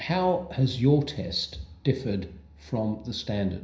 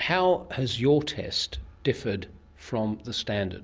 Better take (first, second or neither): second